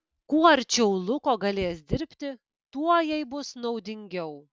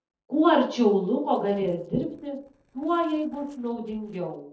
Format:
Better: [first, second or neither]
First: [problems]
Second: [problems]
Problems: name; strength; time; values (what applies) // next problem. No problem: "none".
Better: first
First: none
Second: noise reduction (neural separator model SepFormer DNS4)